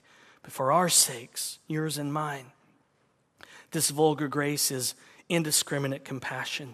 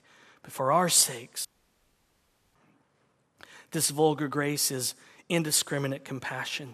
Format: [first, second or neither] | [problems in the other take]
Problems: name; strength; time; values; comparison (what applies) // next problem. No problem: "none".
first | audio cutting out; at 1.5 s for 1 s